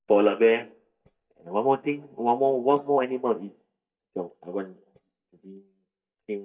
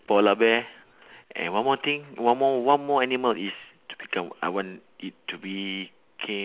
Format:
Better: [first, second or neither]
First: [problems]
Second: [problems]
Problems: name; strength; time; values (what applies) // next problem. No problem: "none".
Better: second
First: noise reduction (neural mask model DeepFilterNet 3)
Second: none